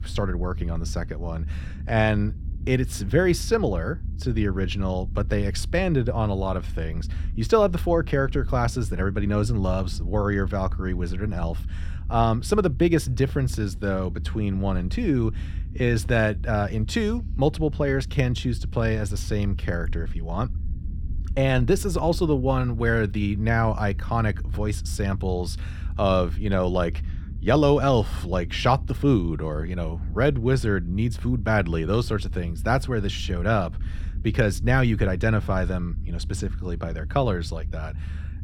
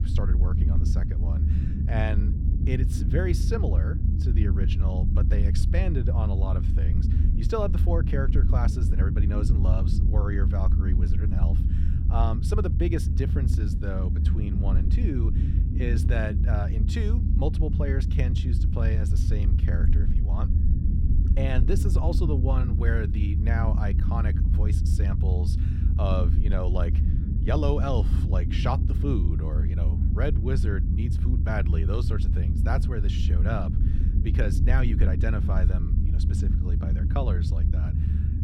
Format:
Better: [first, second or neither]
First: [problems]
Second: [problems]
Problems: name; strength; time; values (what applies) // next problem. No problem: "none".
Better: first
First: low rumble; faint; throughout; 20 dB below the speech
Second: low rumble; loud; throughout; 5 dB below the speech